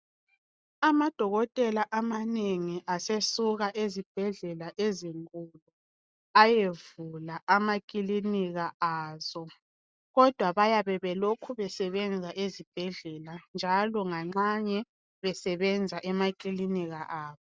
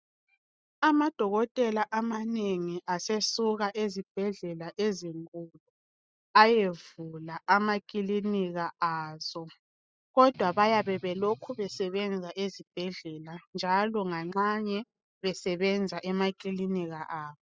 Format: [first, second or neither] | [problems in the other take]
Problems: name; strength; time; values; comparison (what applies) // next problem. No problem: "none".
first | noise reduction (classical method spectral subtraction)